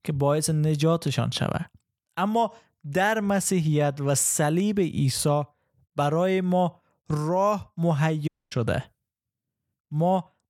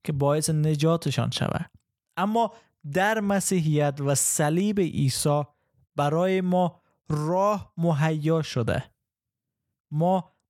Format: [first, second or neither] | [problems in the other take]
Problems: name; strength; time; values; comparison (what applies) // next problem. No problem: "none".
second | audio cutting out; at 8.5 s